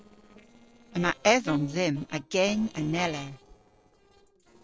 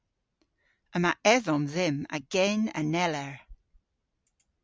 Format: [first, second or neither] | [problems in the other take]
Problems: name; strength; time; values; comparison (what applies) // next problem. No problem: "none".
second | noise reduction (neural separator model SepFormer DNS4)